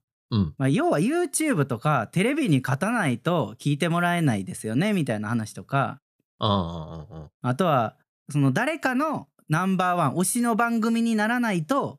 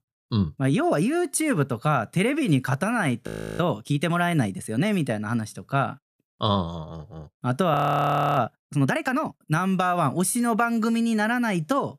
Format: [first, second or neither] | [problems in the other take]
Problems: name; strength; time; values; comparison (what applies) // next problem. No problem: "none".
first | audio freezing; at 3.5 s and at 7.5 s for 0.5 s